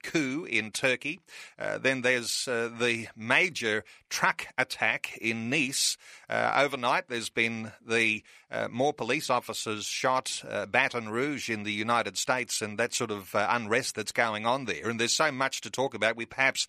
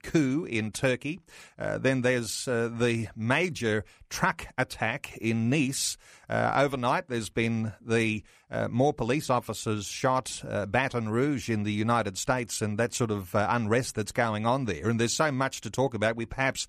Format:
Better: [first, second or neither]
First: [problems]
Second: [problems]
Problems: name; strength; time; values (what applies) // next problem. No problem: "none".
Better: second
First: thin; very slightly; fading below 450 Hz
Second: none